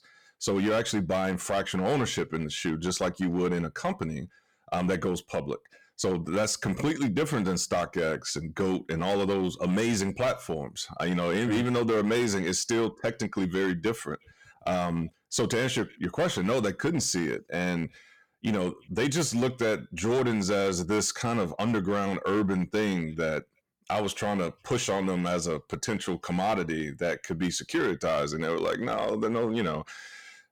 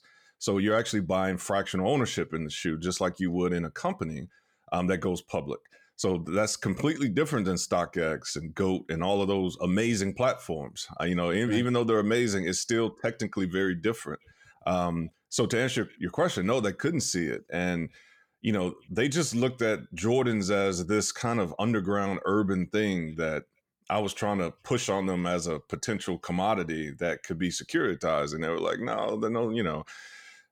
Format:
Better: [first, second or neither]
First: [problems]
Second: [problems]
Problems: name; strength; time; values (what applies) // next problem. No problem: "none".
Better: second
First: distortion; slight; 8% of the sound clipped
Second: none